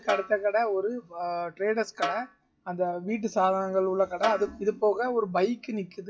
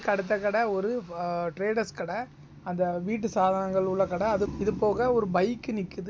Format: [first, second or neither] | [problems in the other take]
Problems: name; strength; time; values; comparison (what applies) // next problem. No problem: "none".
second | noise reduction (classical method WPE with log-MMSE)